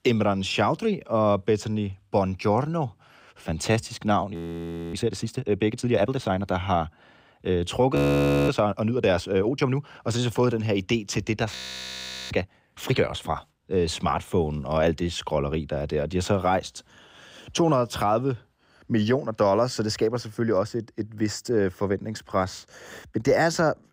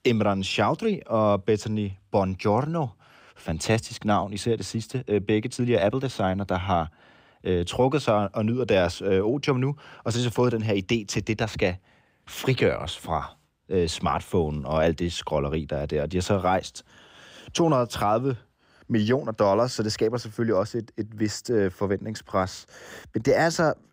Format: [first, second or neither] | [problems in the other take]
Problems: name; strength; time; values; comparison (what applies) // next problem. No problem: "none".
second | audio freezing; at 4.5 s for 0.5 s, at 8 s for 0.5 s and at 12 s for 1 s